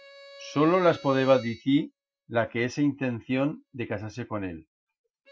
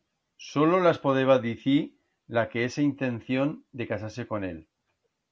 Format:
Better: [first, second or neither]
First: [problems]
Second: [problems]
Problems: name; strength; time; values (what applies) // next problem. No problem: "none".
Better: second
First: noise reduction (classical method Wiener filter)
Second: none